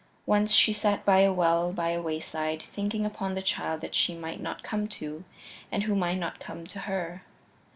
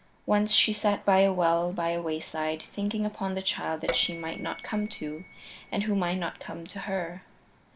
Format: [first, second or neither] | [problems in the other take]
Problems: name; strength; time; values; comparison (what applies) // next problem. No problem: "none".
first | background sound (Bell); 16 dB below the speech